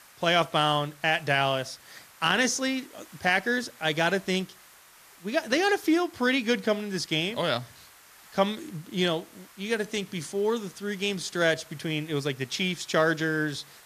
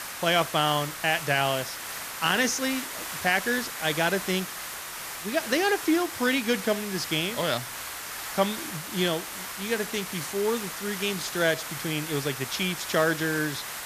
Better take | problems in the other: first | hiss; loud; throughout; 7 dB below the speech; faint in the first

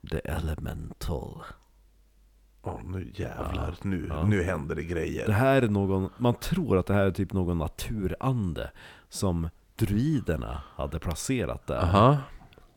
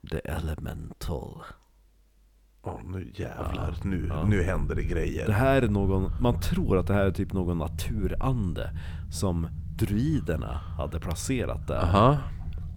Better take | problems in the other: first | low rumble; noticeable; from 3.5 s on; 20 dB below the speech

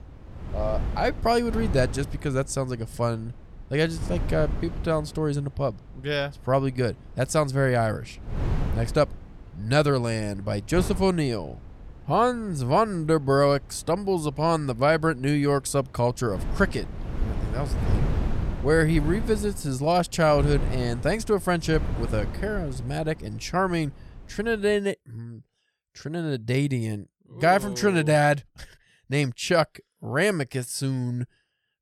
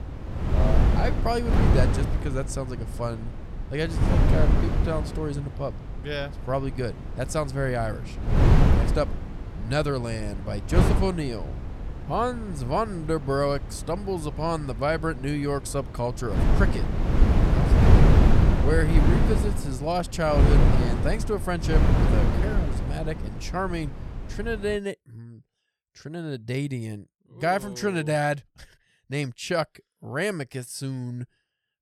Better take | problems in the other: first | wind noise on the microphone; heavy; until 25 s; 1 dB below the speech; occasional gusts in the first

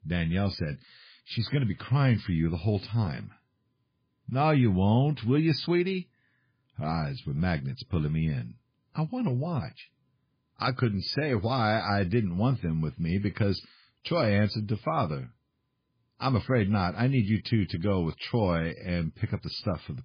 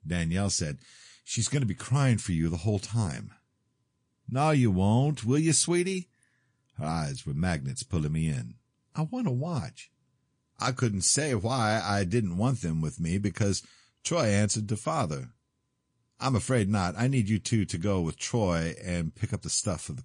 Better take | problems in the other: second | garbled, watery; badly; nothing above 5 kHz; slightly in the second

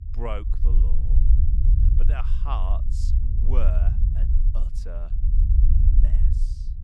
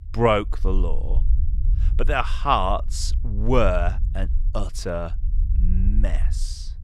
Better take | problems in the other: second | low rumble; loud; throughout; 5 dB below the speech; faint in the second

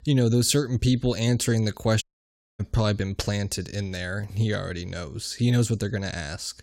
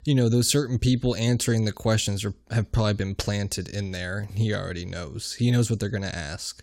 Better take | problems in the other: second | audio cutting out; at 2 s for 0.5 s

